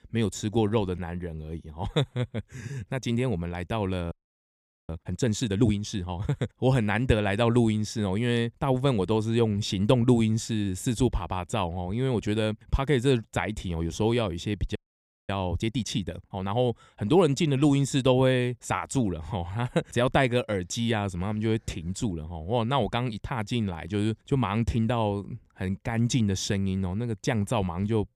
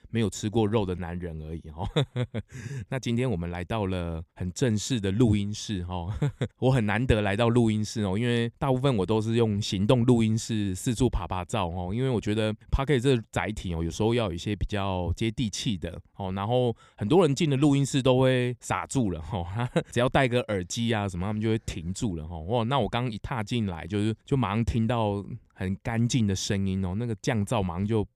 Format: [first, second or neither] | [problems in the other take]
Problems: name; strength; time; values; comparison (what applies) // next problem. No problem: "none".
second | audio freezing; at 4 s for 1 s and at 15 s for 0.5 s